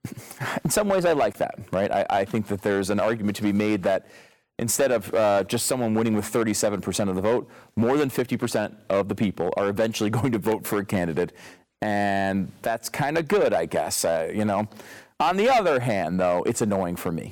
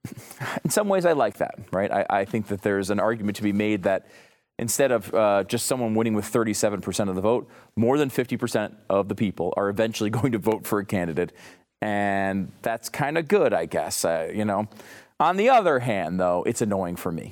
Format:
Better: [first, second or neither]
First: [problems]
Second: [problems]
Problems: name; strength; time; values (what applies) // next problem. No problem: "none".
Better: second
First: distortion; slight; 6% of the sound clipped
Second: none